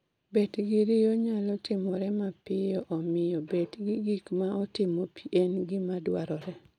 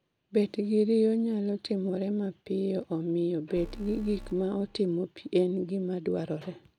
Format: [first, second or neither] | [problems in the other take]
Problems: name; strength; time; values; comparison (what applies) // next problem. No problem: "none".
first | background sound (Alarm); 15 dB below the speech